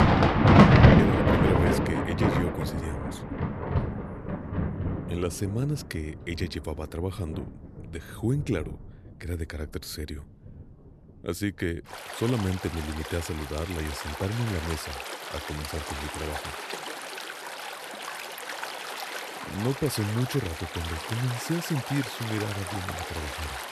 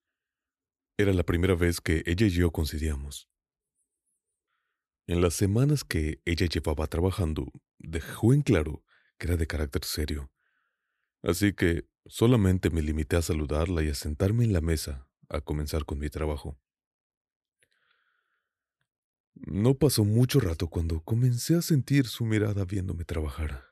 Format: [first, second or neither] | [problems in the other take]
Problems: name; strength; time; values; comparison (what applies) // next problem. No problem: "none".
second | rain or running water; very loud; throughout; 5 dB above the speech